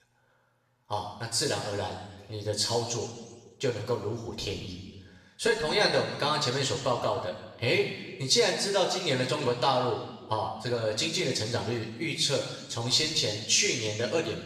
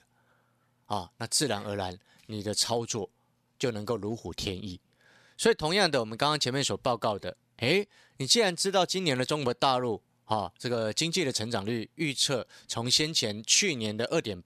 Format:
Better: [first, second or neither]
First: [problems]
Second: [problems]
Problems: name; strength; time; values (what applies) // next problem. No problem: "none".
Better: second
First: room echo; noticeable; dies away in 1.2 s // off-mic speech; far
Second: none